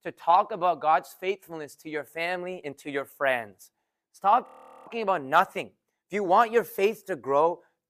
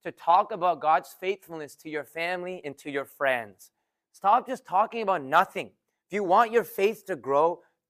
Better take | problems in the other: second | audio freezing; at 4.5 s

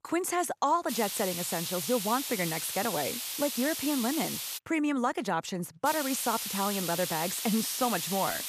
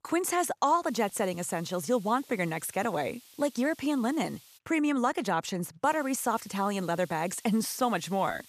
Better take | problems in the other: second | hiss; loud; from 1 to 4.5 s and from 6 s on; 3 dB below the speech; faint in the second

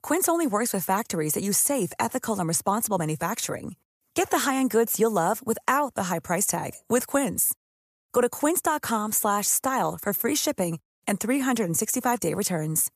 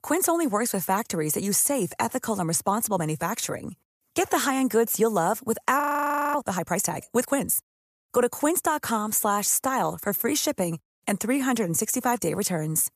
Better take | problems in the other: first | audio freezing; at 6 s for 0.5 s

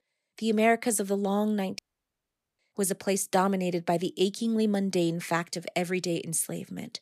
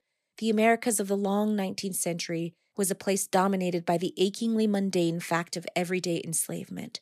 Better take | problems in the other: second | audio cutting out; at 2 s for 1 s

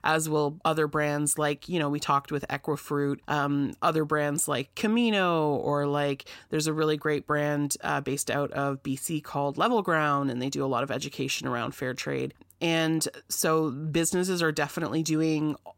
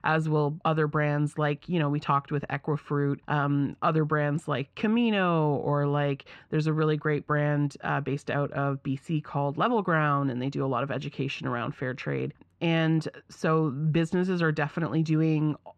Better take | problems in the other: first | muffled; very; fading above 2.5 kHz

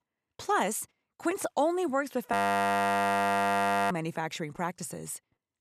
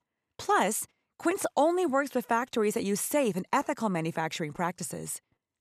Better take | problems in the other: second | audio freezing; at 2.5 s for 1.5 s

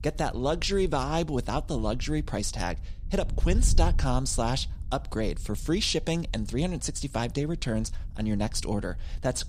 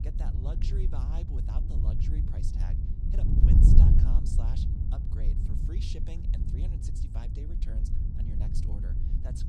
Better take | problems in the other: first | wind noise on the microphone; heavy; 5 dB above the speech; occasional gusts in the first

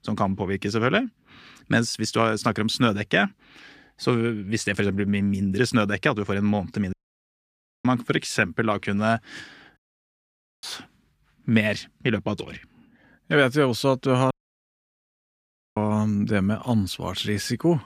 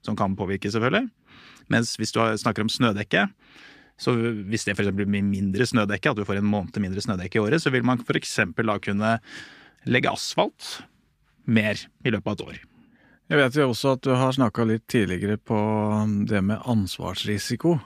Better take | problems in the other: second | audio cutting out; at 7 s for 1 s, at 10 s for 1 s and at 14 s for 1.5 s

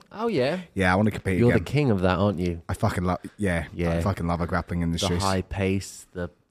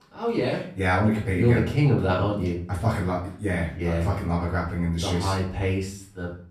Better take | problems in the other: first | off-mic speech; far // room echo; noticeable; dies away in 0.4 s

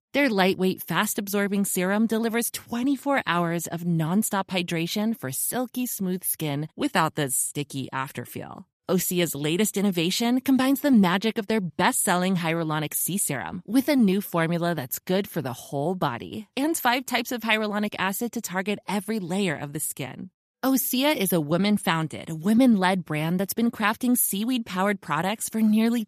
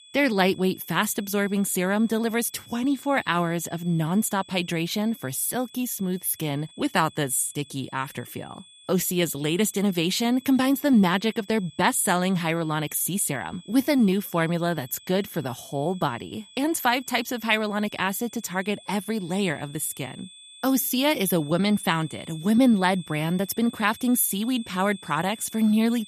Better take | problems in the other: first | high-pitched whine; faint; throughout; 3.5 kHz, 20 dB below the speech

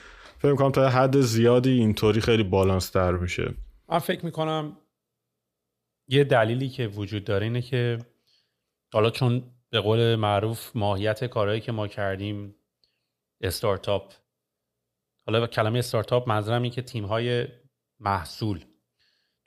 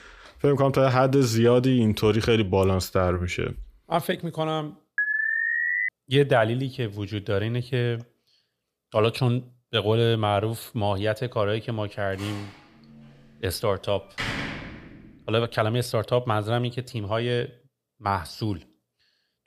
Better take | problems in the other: first | alarm; loud; at 5 s; peak 2 dB above the speech // door banging; noticeable; from 12 to 15 s; peak 4 dB below the speech

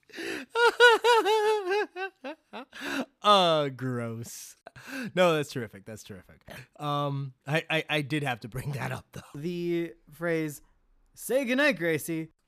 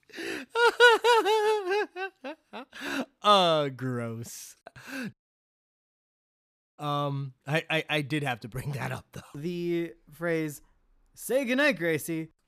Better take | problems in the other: first | audio cutting out; at 5 s for 1.5 s

